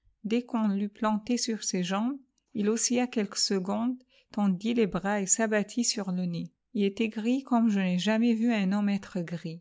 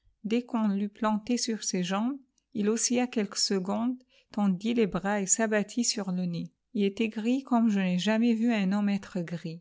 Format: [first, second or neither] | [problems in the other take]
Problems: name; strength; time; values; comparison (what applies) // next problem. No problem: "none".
second | noise reduction (neural mask model Resemble Enhance denoiser)